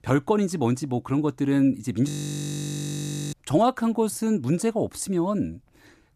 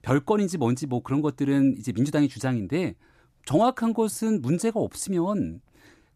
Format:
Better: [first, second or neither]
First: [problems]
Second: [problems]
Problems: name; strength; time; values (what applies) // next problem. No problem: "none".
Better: second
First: audio freezing; at 2 s for 1 s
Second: none